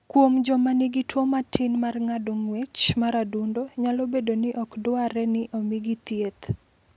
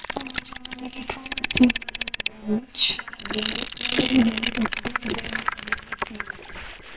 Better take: first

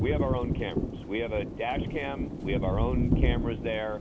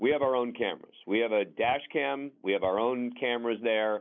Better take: second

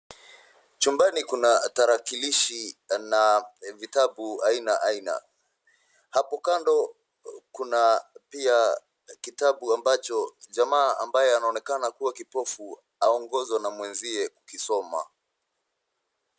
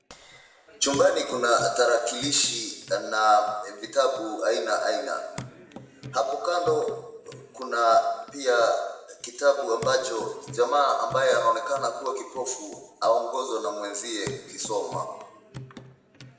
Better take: first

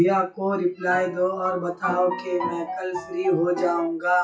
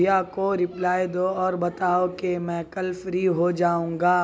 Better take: second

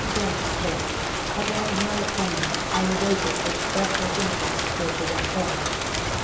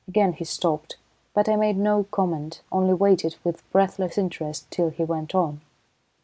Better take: second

